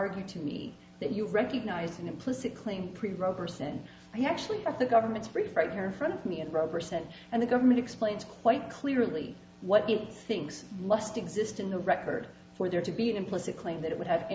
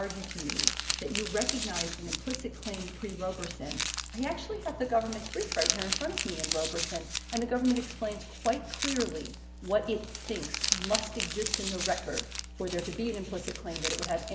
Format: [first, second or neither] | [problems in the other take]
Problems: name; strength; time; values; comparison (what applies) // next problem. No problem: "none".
first | background sound (Crumpling, crinkling); 2 dB below the speech